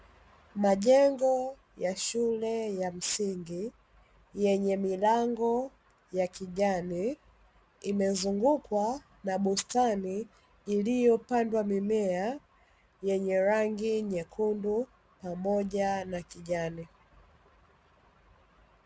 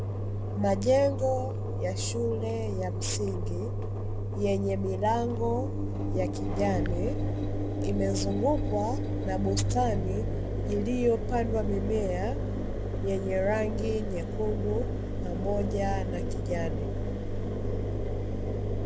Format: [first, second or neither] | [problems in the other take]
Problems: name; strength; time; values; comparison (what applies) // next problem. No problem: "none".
first | background sound (Engine); 1 dB above the speech